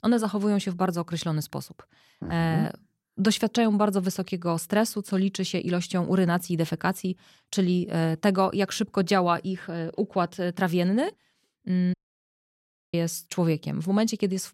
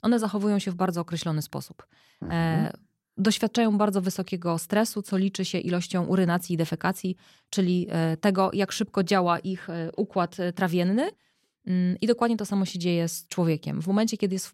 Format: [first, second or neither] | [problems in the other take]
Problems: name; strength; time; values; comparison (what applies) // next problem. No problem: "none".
second | audio cutting out; at 12 s for 1 s